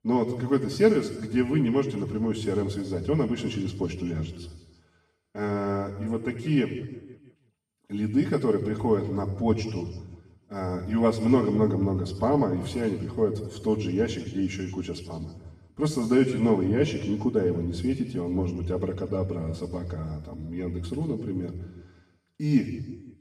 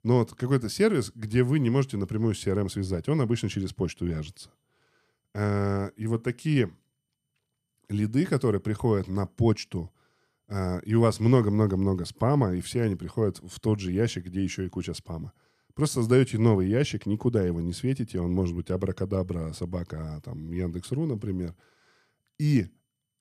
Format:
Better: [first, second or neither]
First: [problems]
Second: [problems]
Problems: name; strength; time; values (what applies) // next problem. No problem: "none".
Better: second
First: room echo; noticeable; dies away in 1.2 s // off-mic speech; far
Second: none